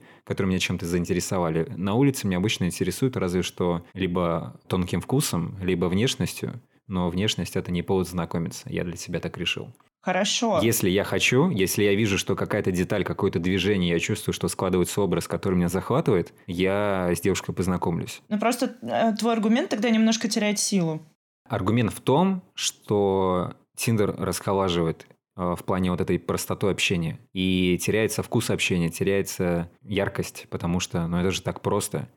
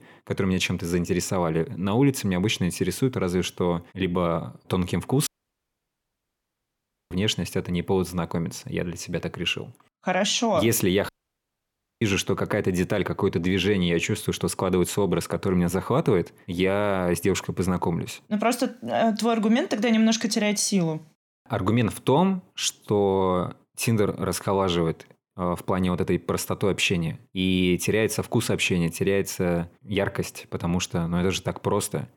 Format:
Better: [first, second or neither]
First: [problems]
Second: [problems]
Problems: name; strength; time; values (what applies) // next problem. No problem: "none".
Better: first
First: none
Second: audio cutting out; at 5.5 s for 2 s and at 11 s for 1 s